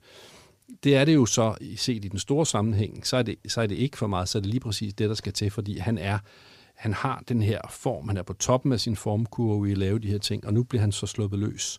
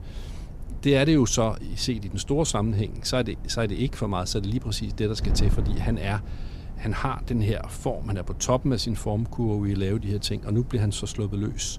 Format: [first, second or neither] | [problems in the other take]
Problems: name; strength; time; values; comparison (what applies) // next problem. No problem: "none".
first | wind noise on the microphone; occasional gusts; 20 dB below the speech